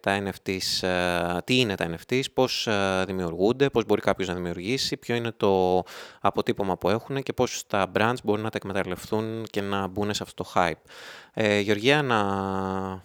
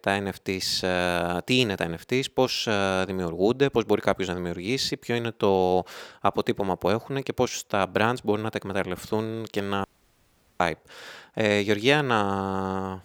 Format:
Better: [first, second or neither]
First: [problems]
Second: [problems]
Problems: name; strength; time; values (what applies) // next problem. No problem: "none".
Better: first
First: none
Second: audio cutting out; at 10 s for 1 s